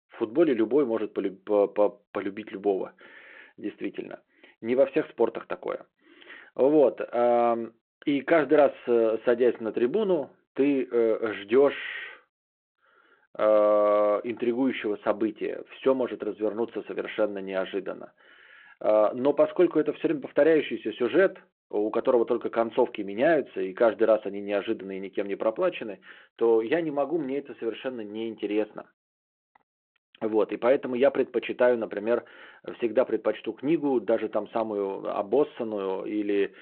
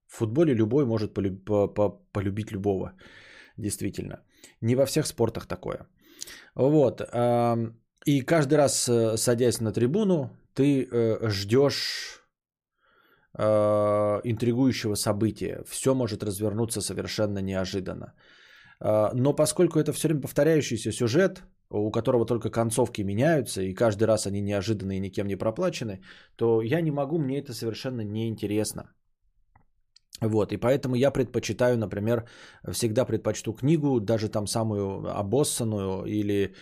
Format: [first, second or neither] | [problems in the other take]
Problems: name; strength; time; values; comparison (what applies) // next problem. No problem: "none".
second | phone-call audio